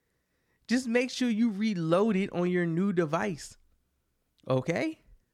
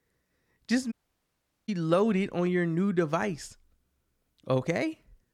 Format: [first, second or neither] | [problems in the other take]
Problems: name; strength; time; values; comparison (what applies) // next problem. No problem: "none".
first | audio cutting out; at 1 s for 1 s